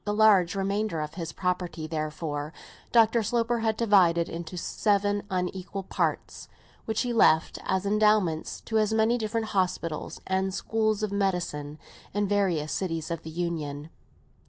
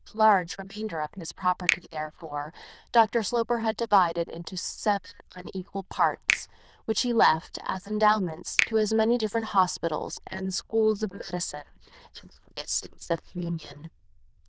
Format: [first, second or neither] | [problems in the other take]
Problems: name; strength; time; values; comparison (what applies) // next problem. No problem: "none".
first | noise reduction (neural diffusion model UNIVERSE++)